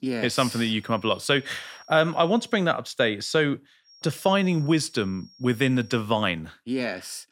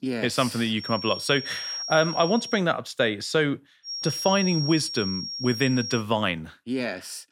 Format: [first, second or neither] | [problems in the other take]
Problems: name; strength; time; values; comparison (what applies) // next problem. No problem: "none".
first | high-pitched whine; loud; from 1 to 2.5 s and from 4 to 6 s; 5.5 kHz, 6 dB below the speech; faint in the first